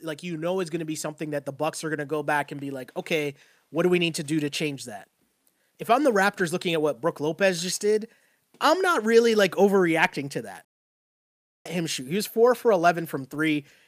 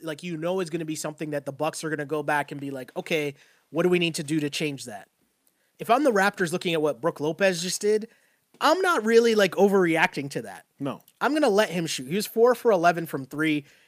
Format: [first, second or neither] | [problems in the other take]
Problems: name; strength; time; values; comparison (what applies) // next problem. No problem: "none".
second | audio cutting out; at 11 s for 1 s